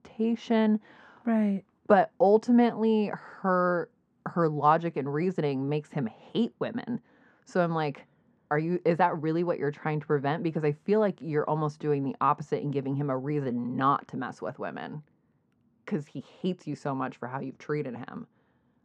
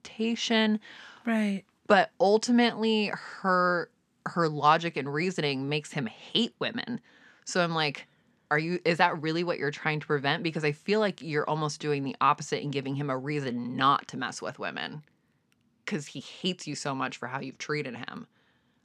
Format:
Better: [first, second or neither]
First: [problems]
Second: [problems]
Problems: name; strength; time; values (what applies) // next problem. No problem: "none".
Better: second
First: muffled; very; fading above 2 kHz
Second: none